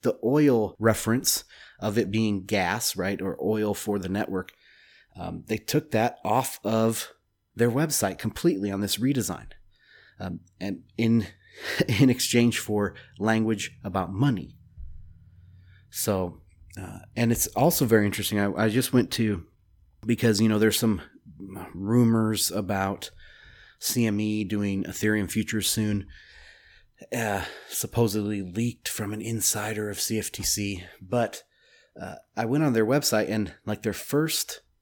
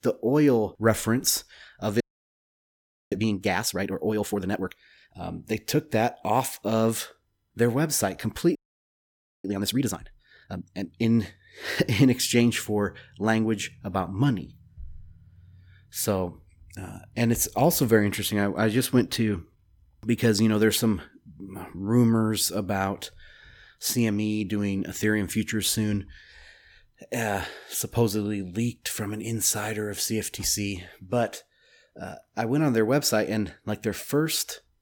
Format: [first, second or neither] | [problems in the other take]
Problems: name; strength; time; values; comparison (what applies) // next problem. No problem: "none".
first | audio freezing; at 2 s for 1 s and at 8.5 s for 1 s